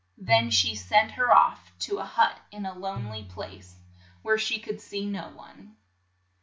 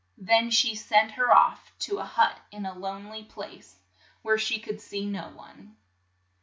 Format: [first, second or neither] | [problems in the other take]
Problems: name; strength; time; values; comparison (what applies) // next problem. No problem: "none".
second | background sound (Tabla); 15 dB below the speech